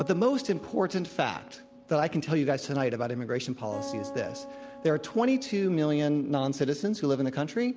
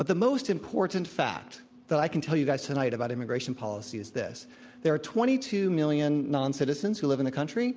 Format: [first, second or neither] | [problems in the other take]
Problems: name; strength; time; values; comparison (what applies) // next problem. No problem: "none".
second | background sound (Acoustic guitar); 17 dB below the speech